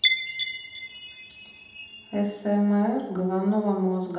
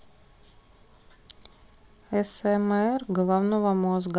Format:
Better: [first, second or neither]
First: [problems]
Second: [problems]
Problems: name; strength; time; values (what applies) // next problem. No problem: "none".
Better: second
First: background sound (Chime); 6 dB below the speech // room echo; dies away in 0.8 s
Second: none